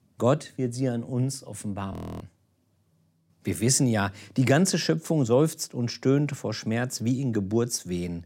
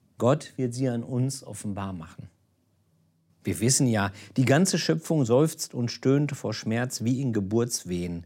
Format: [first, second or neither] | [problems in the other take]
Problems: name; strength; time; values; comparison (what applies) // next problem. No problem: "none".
second | audio freezing; at 2 s